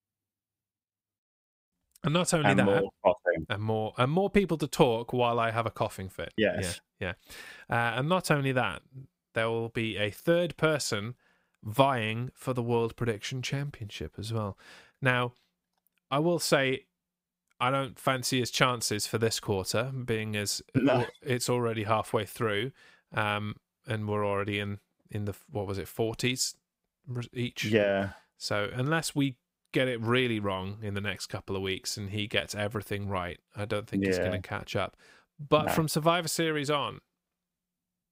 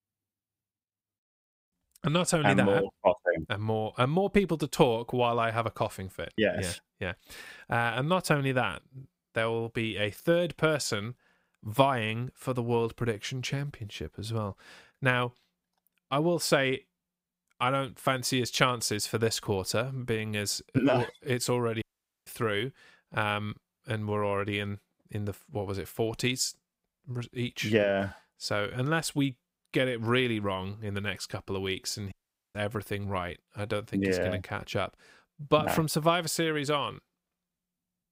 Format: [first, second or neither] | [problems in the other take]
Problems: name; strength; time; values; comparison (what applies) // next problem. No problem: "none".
first | audio cutting out; at 22 s and at 32 s